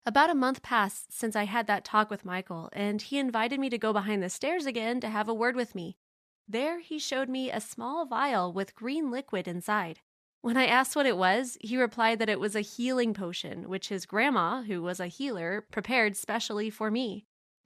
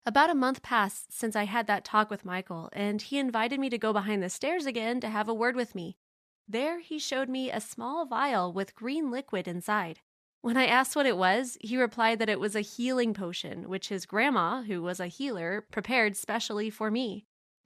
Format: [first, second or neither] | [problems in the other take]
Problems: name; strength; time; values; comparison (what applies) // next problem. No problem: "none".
neither | none